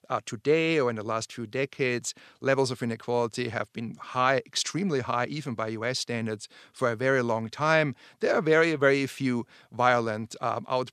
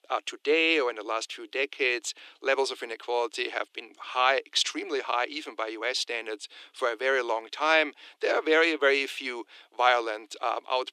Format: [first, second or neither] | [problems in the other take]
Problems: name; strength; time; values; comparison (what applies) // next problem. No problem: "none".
first | thin; very; fading below 300 Hz